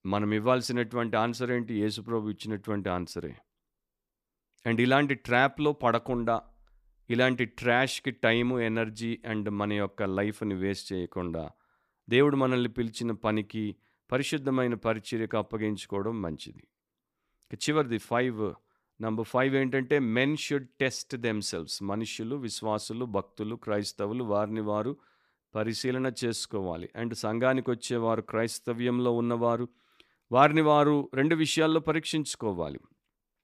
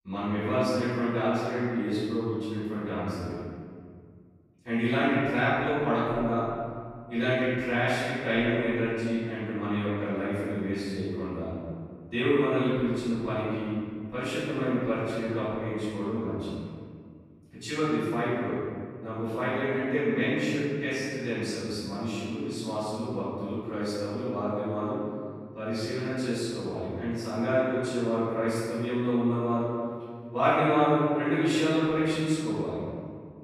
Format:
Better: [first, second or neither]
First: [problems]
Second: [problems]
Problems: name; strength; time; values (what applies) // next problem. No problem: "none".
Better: first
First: none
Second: off-mic speech; far // room echo; strong; dies away in 2 s